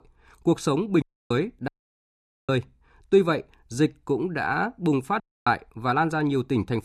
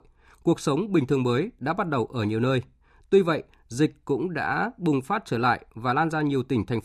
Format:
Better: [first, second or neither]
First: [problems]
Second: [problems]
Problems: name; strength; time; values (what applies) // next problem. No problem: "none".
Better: second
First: audio cutting out; at 1 s, at 1.5 s for 1 s and at 5 s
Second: none